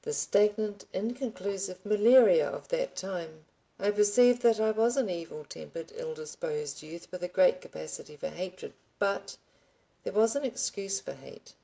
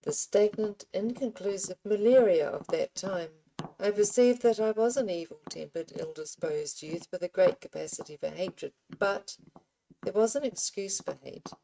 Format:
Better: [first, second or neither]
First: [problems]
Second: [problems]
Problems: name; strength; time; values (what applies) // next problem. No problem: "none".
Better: first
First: none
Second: noise reduction (neural mask model RNNoise)